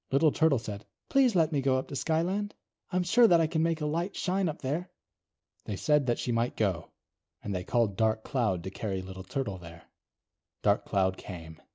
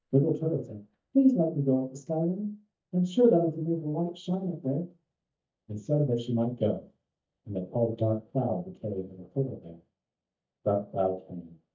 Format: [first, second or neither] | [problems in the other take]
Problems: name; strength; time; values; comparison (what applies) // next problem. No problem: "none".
first | noise reduction (neural mask model DeepFilterNet 3)